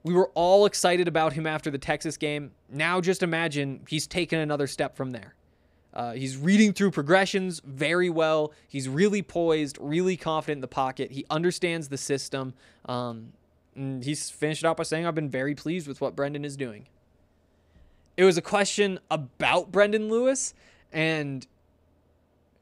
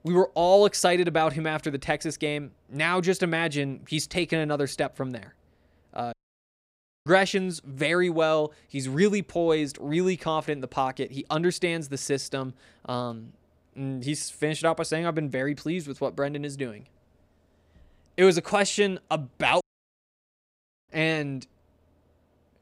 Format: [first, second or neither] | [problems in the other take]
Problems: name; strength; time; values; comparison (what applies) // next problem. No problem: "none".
first | audio cutting out; at 6 s for 1 s and at 20 s for 1.5 s